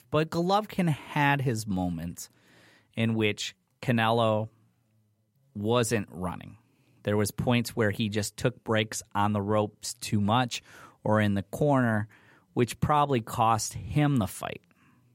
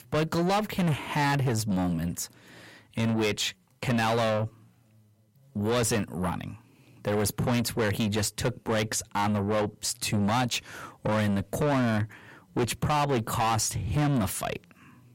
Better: first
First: none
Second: distortion; heavy; 6 dB below the speech

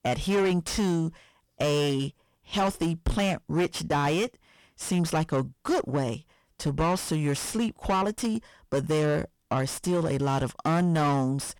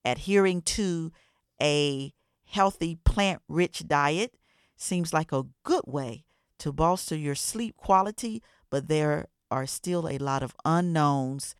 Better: second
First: distortion; heavy; 5 dB below the speech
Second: none

